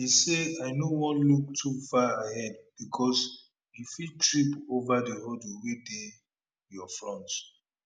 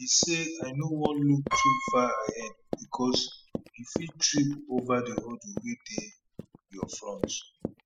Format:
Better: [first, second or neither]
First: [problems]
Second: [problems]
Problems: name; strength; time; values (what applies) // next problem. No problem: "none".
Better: first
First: none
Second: noise reduction (classical method spectral subtraction)